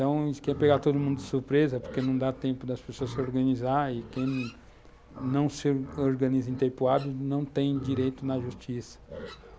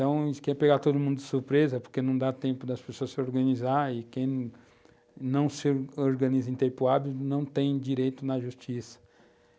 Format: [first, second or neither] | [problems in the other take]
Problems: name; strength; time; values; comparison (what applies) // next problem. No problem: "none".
second | background sound (Livestock, farm animals, working animals); 16 dB below the speech